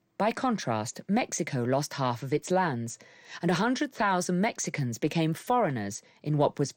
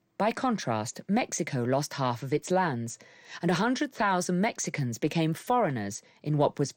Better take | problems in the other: neither | none

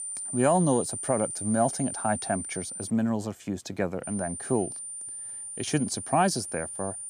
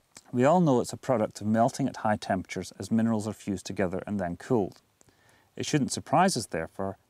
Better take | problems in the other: second | high-pitched whine; loud; until 3 s and from 4 s on; 9 kHz, 6 dB below the speech

